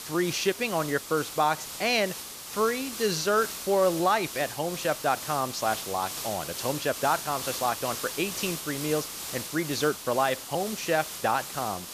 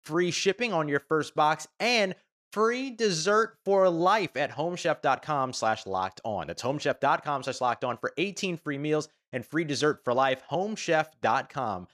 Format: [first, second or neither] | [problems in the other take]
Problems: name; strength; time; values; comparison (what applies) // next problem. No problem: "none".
second | hiss; loud; throughout; 7 dB below the speech